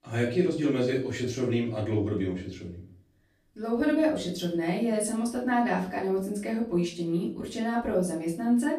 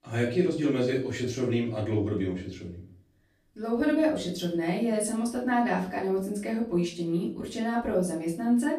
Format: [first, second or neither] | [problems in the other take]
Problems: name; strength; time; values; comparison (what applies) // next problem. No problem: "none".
neither | off-mic speech; far; the same in both // room echo; slight; dies away in 0.4 s; the same in both